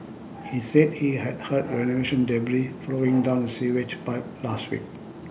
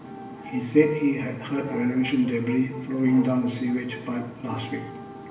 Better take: first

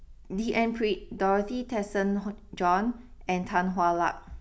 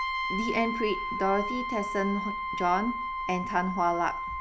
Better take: first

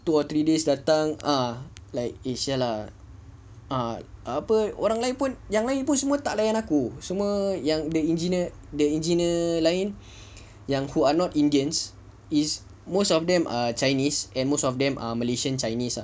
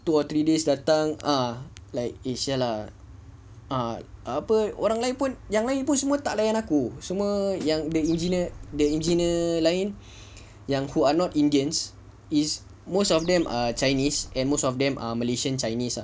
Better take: first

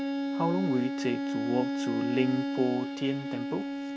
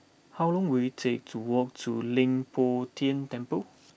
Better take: second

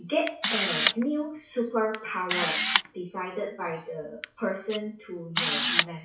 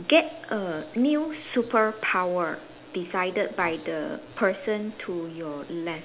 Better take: second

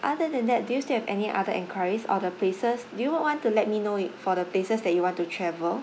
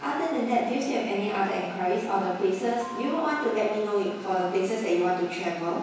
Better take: first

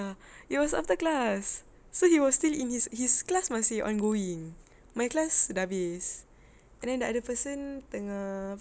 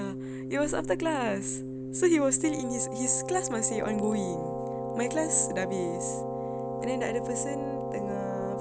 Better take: first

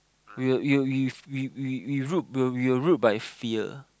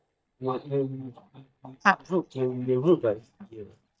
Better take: first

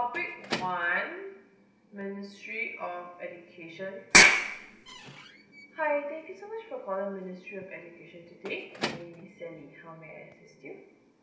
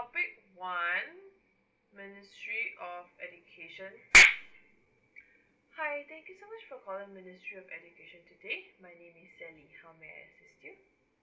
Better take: second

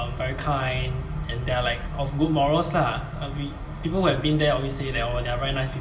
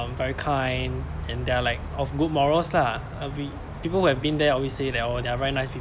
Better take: second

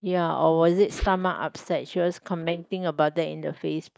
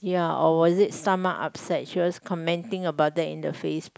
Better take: second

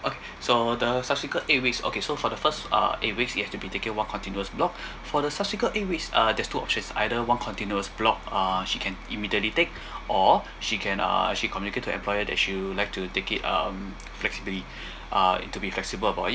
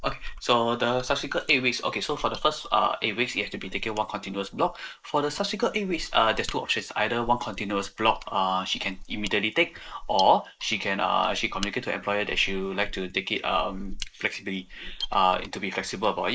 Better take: first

